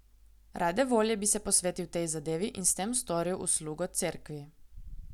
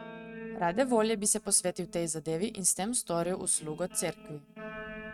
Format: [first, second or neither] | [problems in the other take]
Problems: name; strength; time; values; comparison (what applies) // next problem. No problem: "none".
first | noise reduction (neural mask model RNNoise)